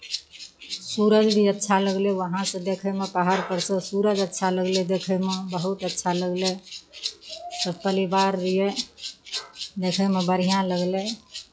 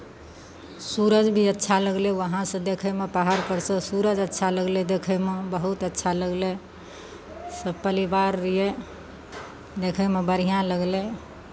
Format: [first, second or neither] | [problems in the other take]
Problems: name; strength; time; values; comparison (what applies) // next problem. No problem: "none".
second | noise reduction (classical method log-MMSE)